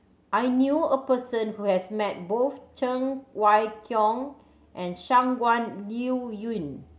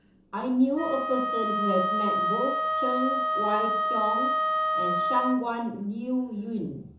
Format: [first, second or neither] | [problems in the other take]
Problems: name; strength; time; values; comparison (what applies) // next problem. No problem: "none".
first | background sound (Wind instrument, woodwind instrument); 1 dB above the speech // room echo; dies away in 0.6 s